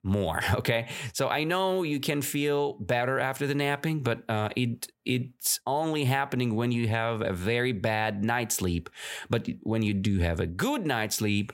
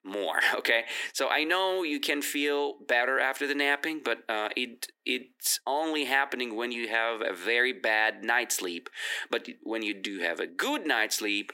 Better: first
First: none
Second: thin; somewhat; fading below 300 Hz

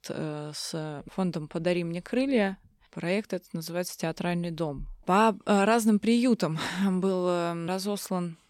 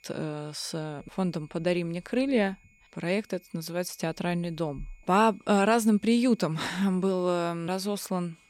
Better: first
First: none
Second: high-pitched whine; faint; throughout; 2.5 kHz, 30 dB below the speech

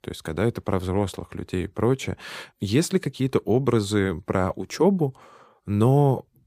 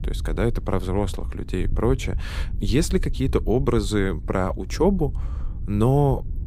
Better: first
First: none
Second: wind noise on the microphone; occasional gusts; 20 dB below the speech

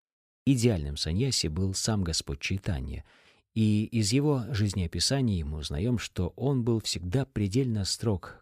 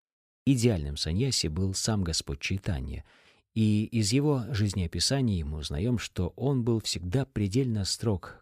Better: neither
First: none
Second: none

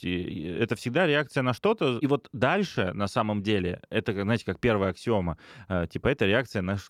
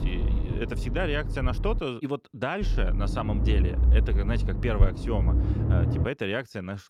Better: first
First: none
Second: low rumble; loud; until 2 s and from 2.5 to 6 s; 8 dB below the speech

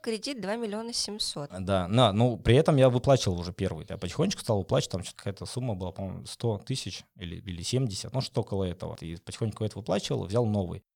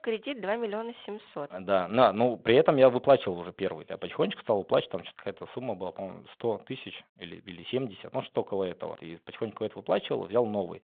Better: first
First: none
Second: phone-call audio; nothing above 3.5 kHz

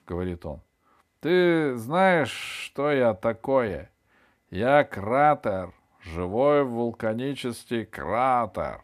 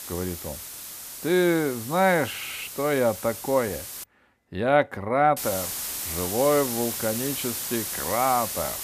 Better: first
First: none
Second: hiss; loud; until 4 s and from 5.5 s on; 6 dB below the speech

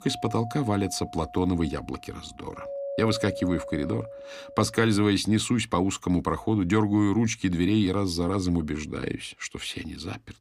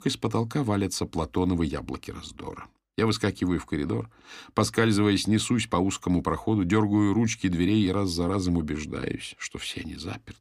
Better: second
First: doorbell; noticeable; until 5 s; peak 7 dB below the speech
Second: none

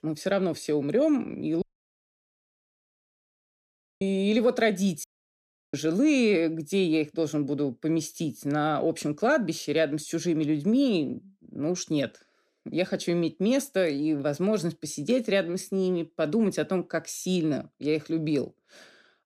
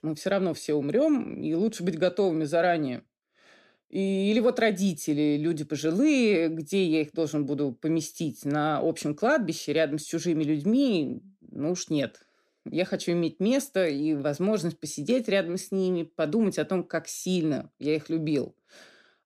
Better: second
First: audio cutting out; at 1.5 s for 2.5 s and at 5 s for 0.5 s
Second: none

